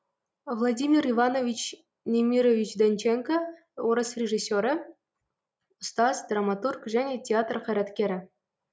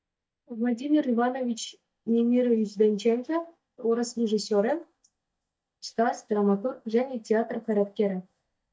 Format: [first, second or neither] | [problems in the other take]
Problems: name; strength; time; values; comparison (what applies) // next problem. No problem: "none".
first | noise reduction (neural mask model DeepFilterNet 3)